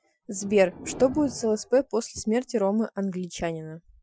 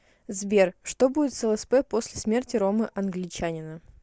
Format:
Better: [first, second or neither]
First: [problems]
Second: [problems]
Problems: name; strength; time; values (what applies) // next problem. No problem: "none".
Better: second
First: noise reduction (classical method Wiener filter)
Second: none